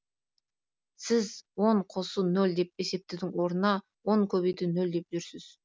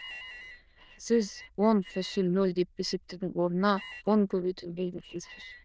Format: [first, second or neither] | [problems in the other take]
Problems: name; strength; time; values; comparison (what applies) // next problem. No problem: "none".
first | noise reduction (neural diffusion model UNIVERSE++)